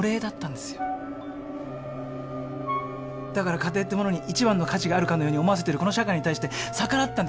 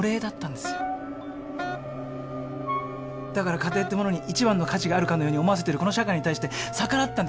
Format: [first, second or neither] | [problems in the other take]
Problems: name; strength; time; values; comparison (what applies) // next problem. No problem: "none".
first | background sound (Wind instrument, woodwind instrument); 11 dB below the speech